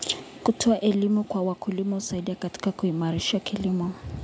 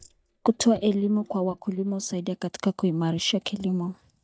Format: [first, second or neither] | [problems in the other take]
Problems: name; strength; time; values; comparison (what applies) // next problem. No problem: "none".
first | noise reduction (neural mask model DeepFilterNet 3)